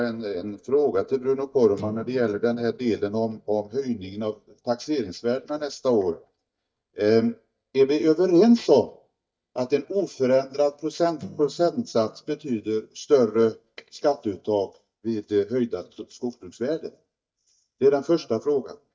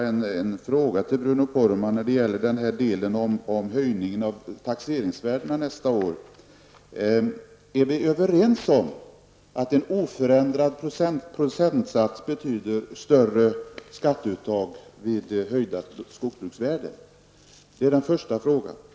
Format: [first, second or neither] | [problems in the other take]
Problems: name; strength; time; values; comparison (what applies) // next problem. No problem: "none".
second | noise reduction (neural mask model DeepFilterNet 3)